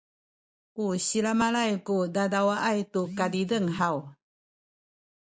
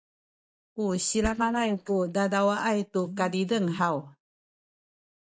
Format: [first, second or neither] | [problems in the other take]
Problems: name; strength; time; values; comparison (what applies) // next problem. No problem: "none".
first | noise reduction (neural mask model DeepFilterNet 3)